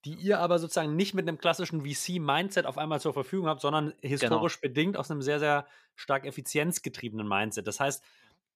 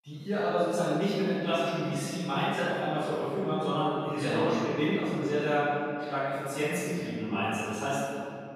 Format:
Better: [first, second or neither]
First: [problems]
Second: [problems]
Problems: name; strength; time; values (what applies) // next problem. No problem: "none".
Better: first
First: none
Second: off-mic speech; far // room echo; strong; dies away in 2.4 s